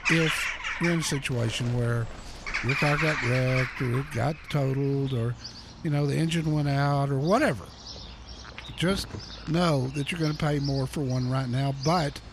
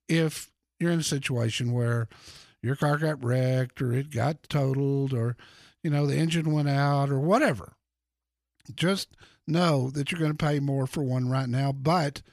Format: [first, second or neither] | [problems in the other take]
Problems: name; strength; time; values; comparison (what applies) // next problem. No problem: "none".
second | animal sounds; loud; throughout; 7 dB below the speech